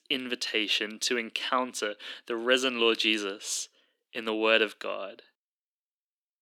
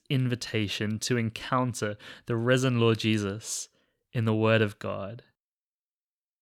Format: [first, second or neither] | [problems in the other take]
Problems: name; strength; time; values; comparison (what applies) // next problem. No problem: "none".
second | thin; somewhat; fading below 250 Hz